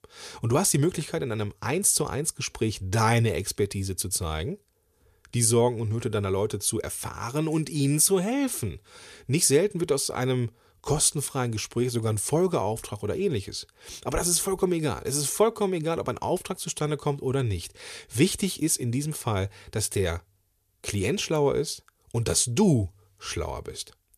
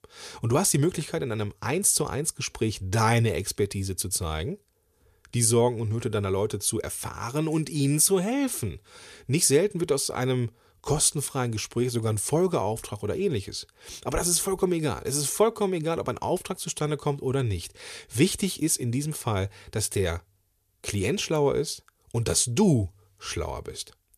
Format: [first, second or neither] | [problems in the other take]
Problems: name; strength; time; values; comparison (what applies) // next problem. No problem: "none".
neither | none